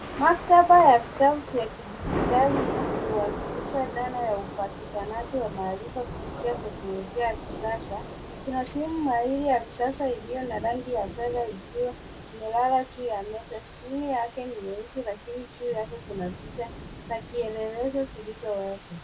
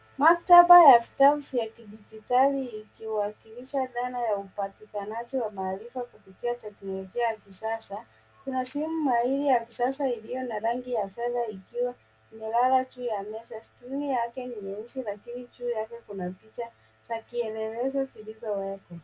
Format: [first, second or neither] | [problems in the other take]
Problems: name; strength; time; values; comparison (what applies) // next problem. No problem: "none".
second | background sound (Thunder / Rain); 9 dB below the speech